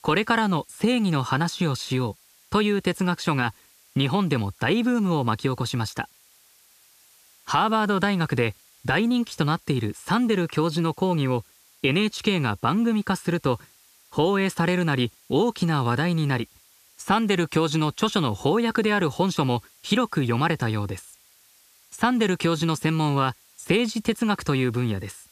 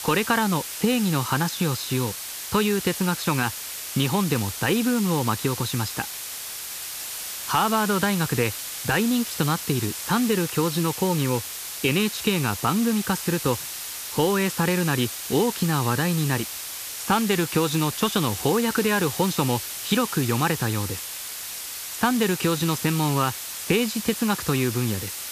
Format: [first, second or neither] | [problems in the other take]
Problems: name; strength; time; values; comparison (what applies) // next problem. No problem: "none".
first | hiss; loud; throughout; 6 dB below the speech; faint in the first